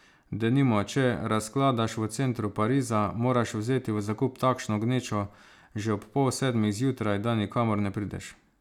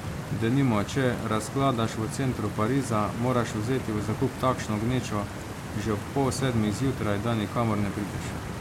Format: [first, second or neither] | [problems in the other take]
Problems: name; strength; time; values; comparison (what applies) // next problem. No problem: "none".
first | background sound (Stream); 7 dB below the speech